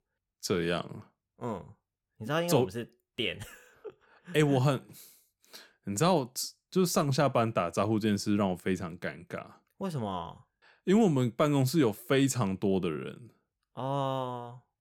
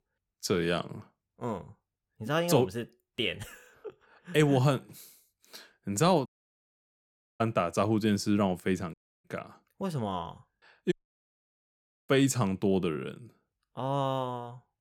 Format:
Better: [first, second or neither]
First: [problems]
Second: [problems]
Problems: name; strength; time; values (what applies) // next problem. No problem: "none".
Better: first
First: none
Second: audio cutting out; at 6.5 s for 1 s, at 9 s and at 11 s for 1 s